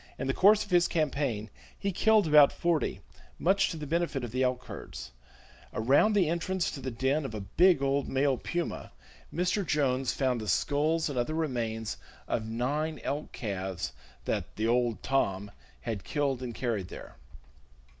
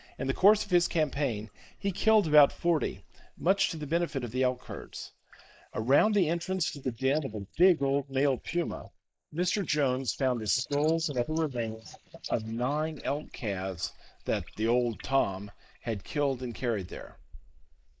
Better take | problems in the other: first | noise reduction (neural mask model Resemble Enhance denoiser)

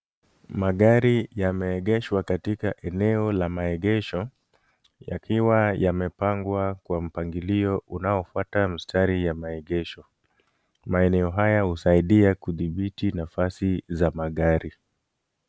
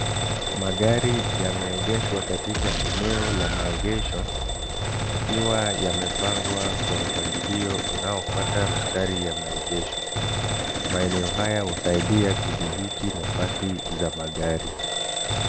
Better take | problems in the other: first | background sound (Alarm / Bell + Gunshot, gunfire); 2 dB above the speech

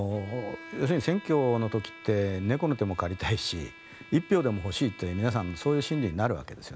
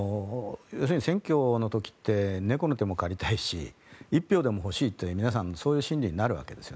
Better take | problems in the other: second | background sound (Bowed string instrument); 19 dB below the speech

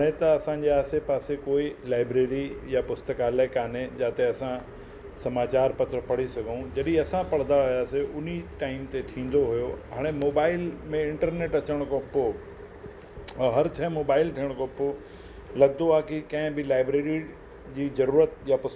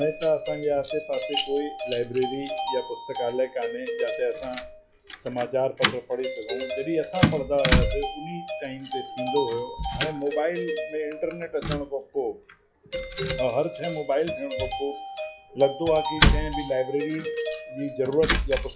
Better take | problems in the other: first | noise reduction (classical method log-MMSE)

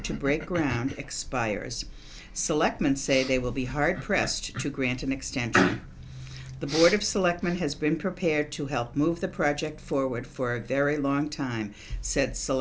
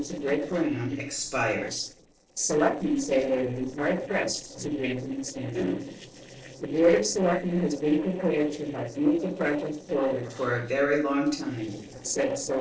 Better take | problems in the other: first | noise reduction (neural separator model SepFormer DNS4)

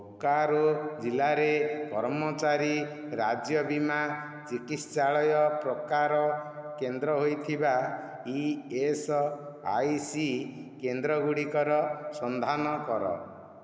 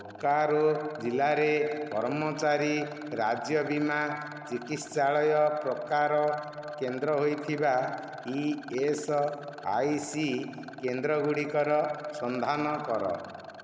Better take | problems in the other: first | background sound (Rattle); 18 dB below the speech

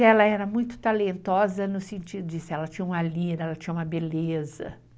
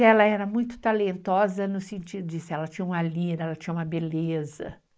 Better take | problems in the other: first | noise reduction (neural mask model Resemble Enhance denoiser)

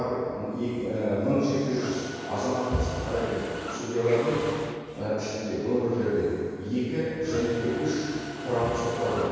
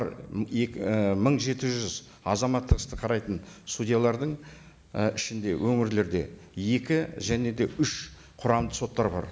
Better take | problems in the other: second | background sound (Mechanisms); 12 dB below the speech // room echo; dies away in 2.2 s

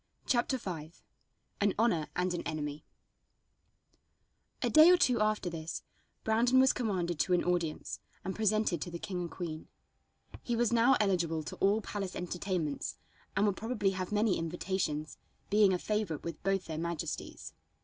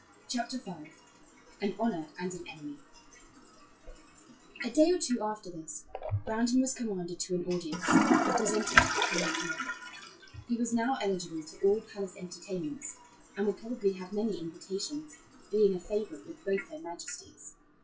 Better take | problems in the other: first | noise reduction (classical method WPE with log-MMSE)

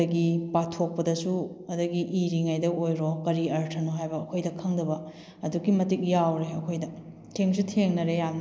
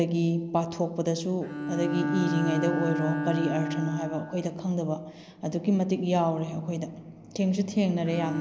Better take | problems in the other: first | background sound (Bowed string instrument); 7 dB below the speech

